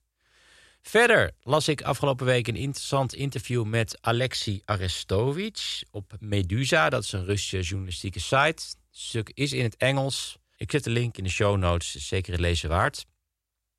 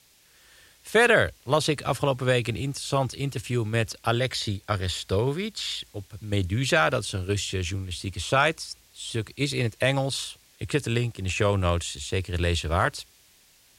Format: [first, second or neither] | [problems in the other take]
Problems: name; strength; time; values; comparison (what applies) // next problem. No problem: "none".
first | hiss; faint; throughout; 30 dB below the speech